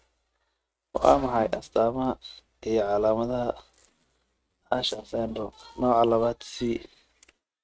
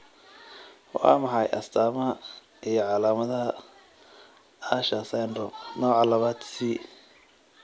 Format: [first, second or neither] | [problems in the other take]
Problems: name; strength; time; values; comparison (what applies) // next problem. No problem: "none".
second | noise reduction (neural mask model RNNoise)